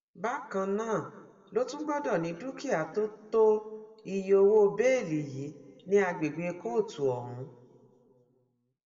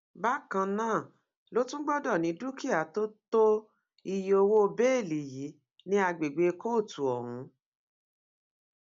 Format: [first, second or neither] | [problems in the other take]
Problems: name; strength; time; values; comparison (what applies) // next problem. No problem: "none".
second | room echo; dies away in 1 s